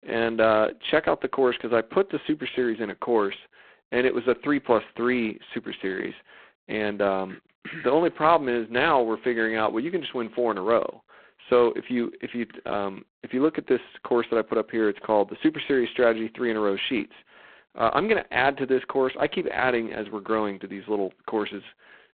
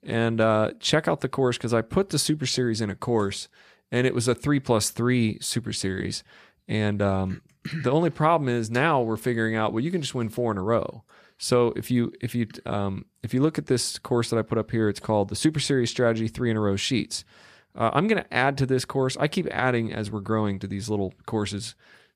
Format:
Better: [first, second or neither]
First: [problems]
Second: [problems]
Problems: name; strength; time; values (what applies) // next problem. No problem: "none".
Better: second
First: phone-call audio; poor line; nothing above 4 kHz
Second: none